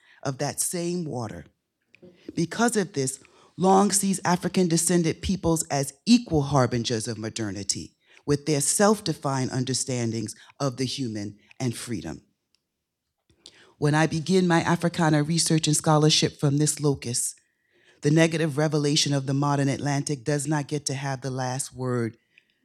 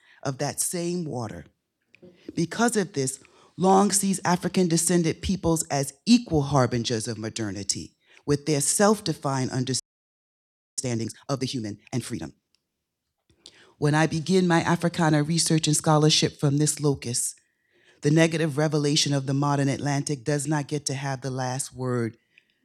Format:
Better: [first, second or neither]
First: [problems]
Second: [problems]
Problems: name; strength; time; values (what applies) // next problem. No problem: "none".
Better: first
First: none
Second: audio freezing; at 10 s for 1 s